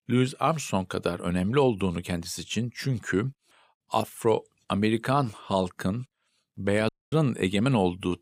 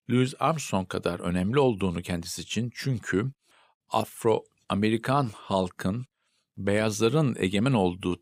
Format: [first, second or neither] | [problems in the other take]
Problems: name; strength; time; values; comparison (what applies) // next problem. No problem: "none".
second | audio cutting out; at 7 s